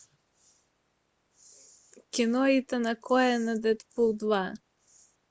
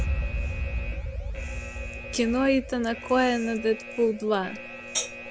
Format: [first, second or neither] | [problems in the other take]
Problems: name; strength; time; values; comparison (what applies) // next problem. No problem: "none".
first | background sound (Hi-hat + Alarm); 4 dB below the speech